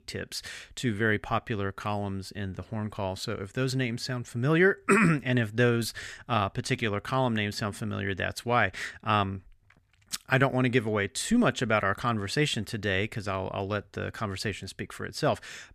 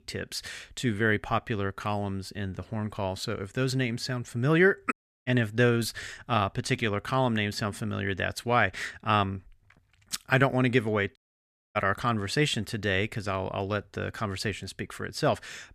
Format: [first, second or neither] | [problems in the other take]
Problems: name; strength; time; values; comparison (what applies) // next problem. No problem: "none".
first | audio cutting out; at 5 s and at 11 s for 0.5 s